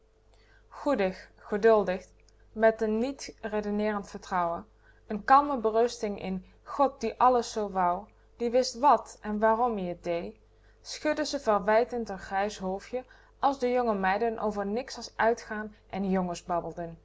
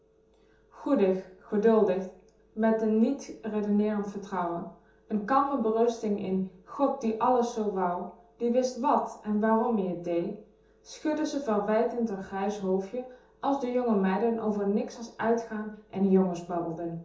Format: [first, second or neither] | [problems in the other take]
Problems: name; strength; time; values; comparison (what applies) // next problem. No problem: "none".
first | room echo; dies away in 0.6 s